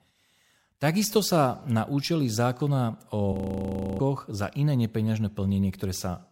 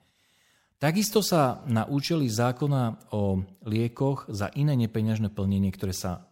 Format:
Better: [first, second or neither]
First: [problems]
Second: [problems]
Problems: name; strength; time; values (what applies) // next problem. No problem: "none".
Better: second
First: audio freezing; at 3.5 s for 0.5 s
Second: none